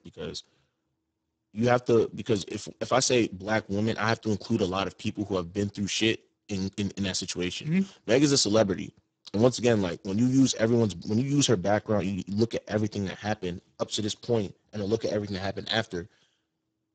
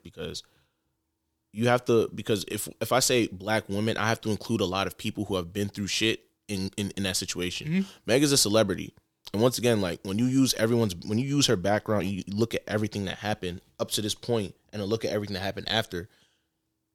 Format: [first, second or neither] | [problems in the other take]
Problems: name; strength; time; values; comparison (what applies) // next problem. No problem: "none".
second | garbled, watery; badly; nothing above 8 kHz